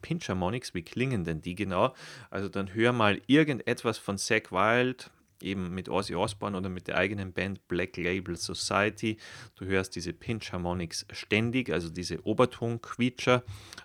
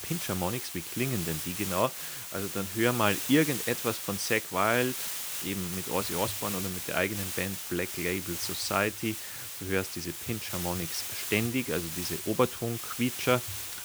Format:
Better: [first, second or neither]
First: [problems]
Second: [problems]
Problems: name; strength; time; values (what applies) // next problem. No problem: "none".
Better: first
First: none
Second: hiss; loud; throughout; 3 dB below the speech